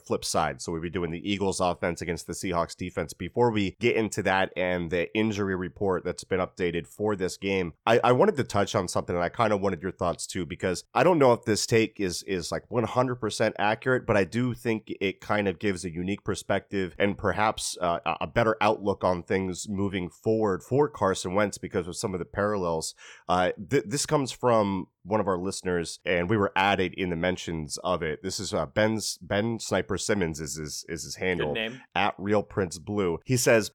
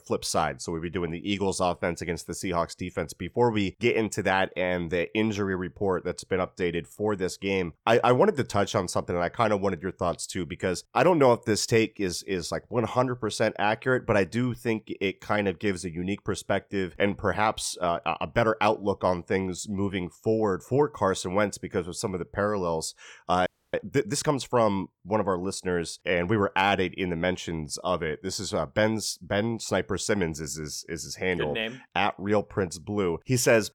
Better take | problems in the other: first | audio freezing; at 23 s

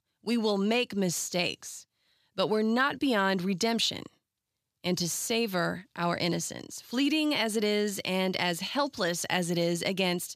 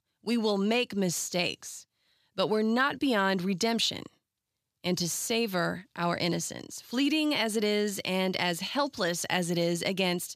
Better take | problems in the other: neither | none

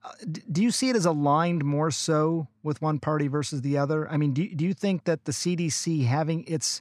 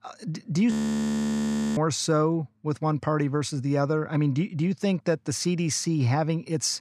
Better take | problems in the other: first | audio freezing; at 0.5 s for 1 s

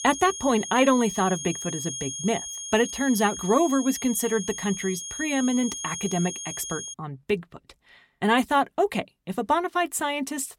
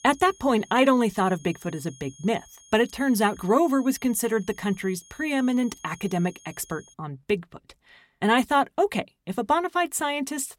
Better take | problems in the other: second | high-pitched whine; loud; until 7 s; 6.5 kHz, 7 dB below the speech; faint in the second

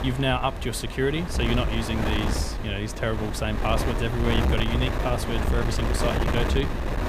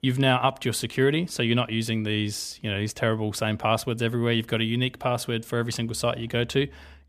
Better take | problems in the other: second | wind noise on the microphone; heavy; 3 dB below the speech

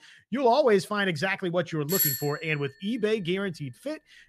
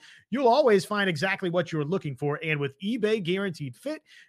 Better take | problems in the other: second | doorbell; loud; at 2 s; peak 2 dB above the speech

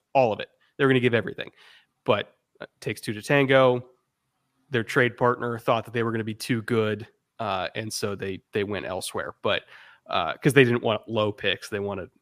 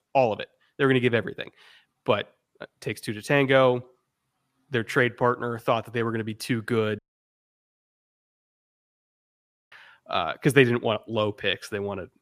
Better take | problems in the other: first | audio cutting out; at 7 s for 2.5 s

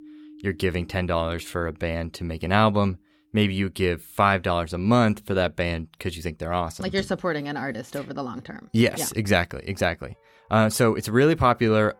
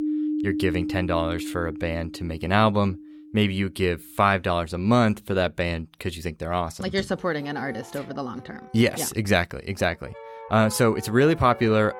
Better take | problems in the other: first | background music; loud; throughout; 10 dB below the speech; faint in the first

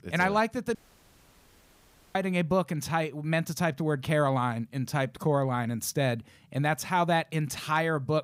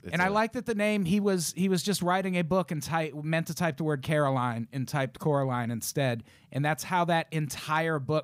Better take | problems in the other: second | audio cutting out; at 1 s for 1.5 s

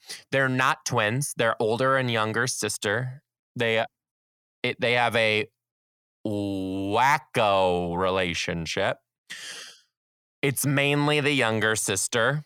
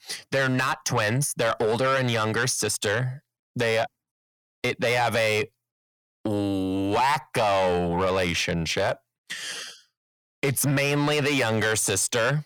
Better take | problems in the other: first | distortion; heavy; 8 dB below the speech

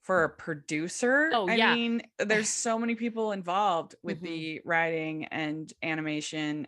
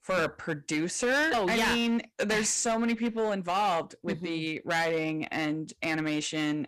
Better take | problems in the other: first | distortion; heavy; 13% of the sound clipped

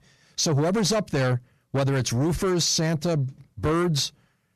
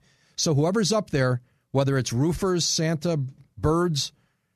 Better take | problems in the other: second | distortion; slight; 10 dB below the speech

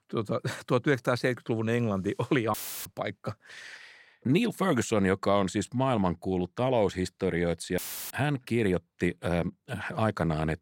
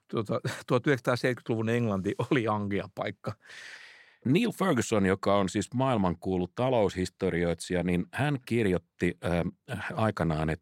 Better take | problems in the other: second | audio cutting out; filled with static; at 2.5 s and at 8 s

